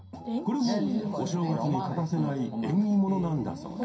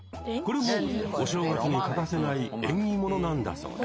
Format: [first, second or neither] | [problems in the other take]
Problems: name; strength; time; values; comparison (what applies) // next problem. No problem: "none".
second | room echo; dies away in 0.3 s